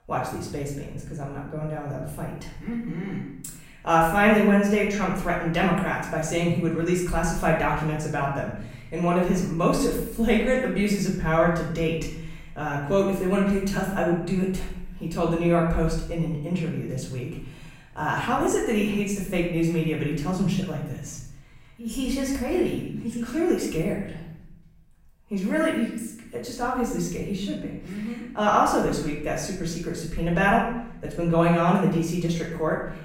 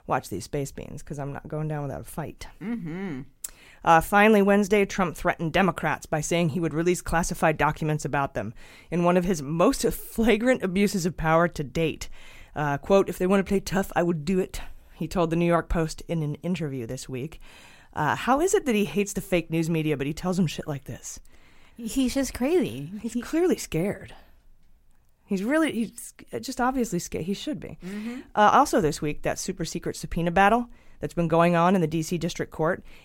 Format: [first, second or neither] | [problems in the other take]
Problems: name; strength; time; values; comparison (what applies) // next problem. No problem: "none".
second | off-mic speech; far // room echo; noticeable; dies away in 0.8 s